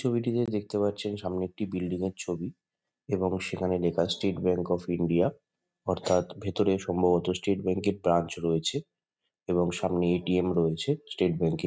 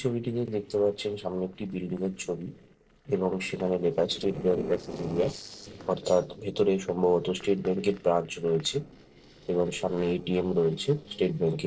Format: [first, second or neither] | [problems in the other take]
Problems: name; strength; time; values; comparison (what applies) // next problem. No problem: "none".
first | noise reduction (neural separator model SepFormer DNS4)